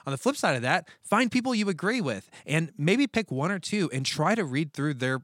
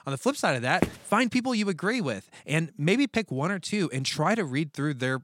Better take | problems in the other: first | footsteps; noticeable; at 1 s; peak 4 dB below the speech

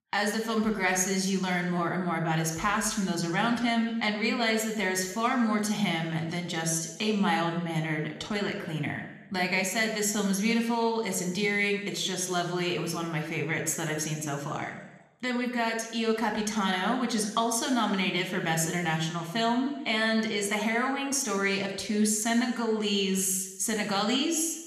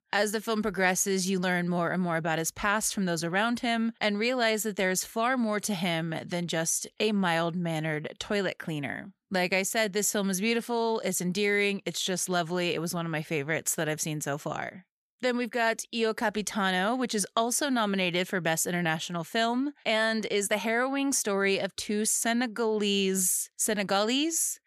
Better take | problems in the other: second | room echo; slight; dies away in 1 s

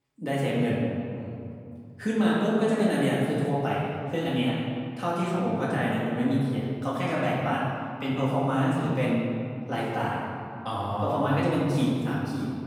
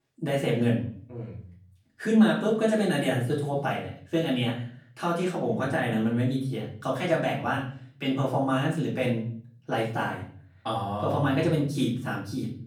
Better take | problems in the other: second | room echo; strong; dies away in 2.3 s; slight in the second // off-mic speech; far; far in the second

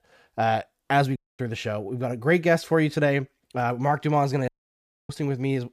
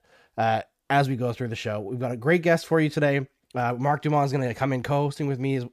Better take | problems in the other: second | audio cutting out; at 1 s and at 4.5 s for 0.5 s

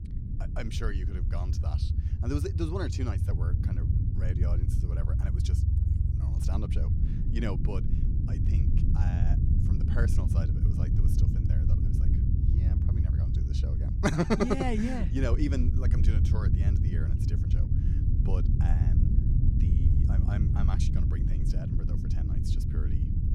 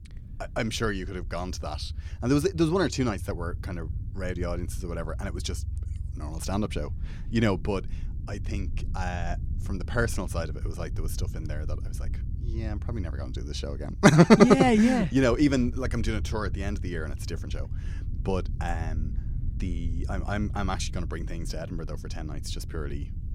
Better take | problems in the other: second | low rumble; loud; throughout; 4 dB below the speech; faint in the second

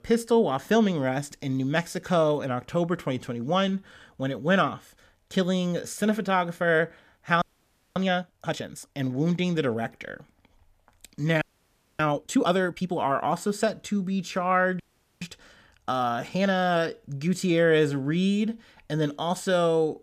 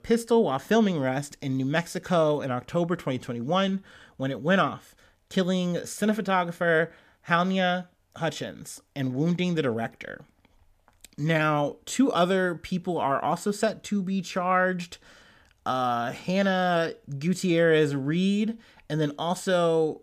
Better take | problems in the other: second | audio freezing; at 7.5 s for 0.5 s, at 11 s for 0.5 s and at 15 s

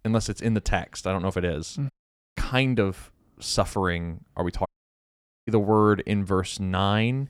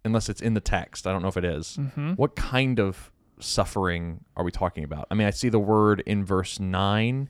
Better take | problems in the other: second | audio cutting out; at 2 s and at 4.5 s for 1 s

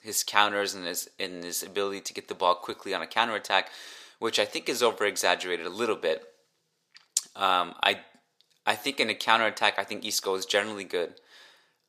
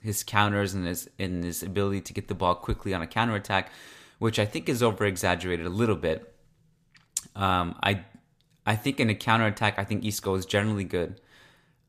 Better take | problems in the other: second | thin; somewhat; fading below 500 Hz

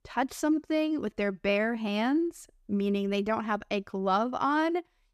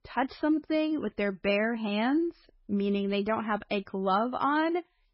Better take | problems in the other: first | garbled, watery; badly; nothing above 5 kHz

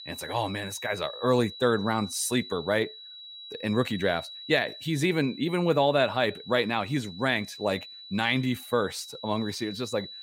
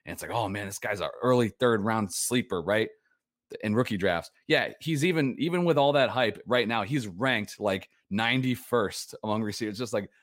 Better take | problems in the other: second | high-pitched whine; noticeable; throughout; 4 kHz, 15 dB below the speech

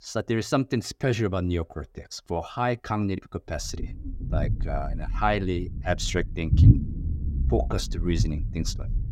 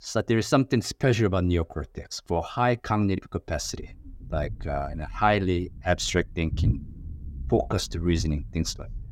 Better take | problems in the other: second | low rumble; loud; from 3.5 s on; 9 dB below the speech; faint in the second

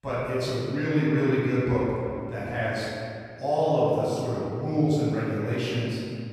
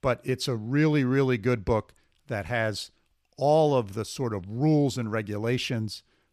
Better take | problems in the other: second | room echo; strong; dies away in 2.3 s // off-mic speech; far

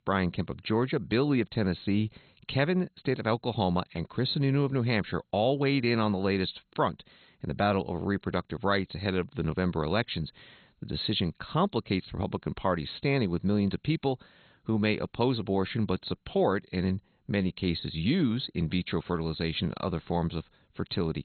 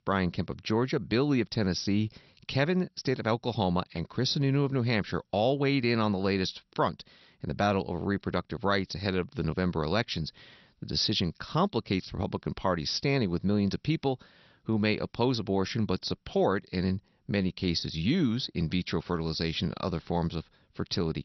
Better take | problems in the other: second | garbled, watery; badly; nothing above 4 kHz; slightly in the second

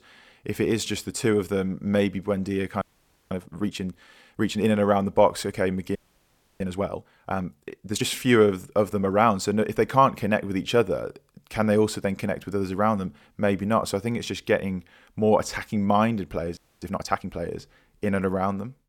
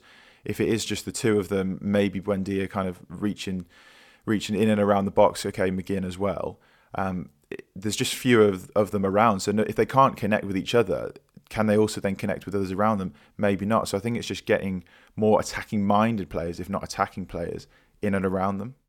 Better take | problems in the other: second | audio freezing; at 3 s for 0.5 s, at 6 s for 0.5 s and at 17 s

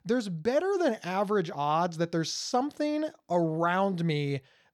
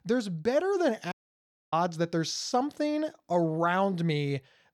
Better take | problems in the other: first | audio cutting out; at 1 s for 0.5 s

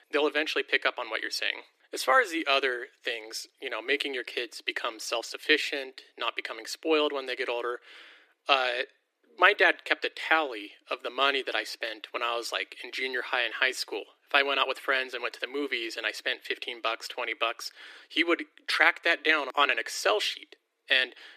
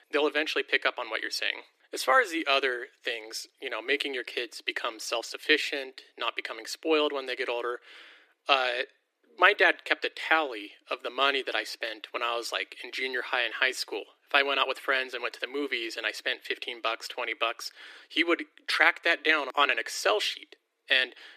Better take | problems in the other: neither | thin; very; fading below 300 Hz; the same in both

